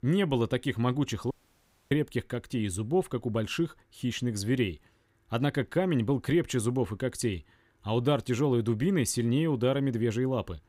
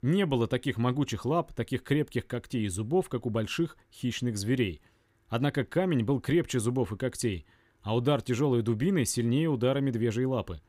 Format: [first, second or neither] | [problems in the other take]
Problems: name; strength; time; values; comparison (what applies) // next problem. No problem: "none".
second | audio cutting out; at 1.5 s for 0.5 s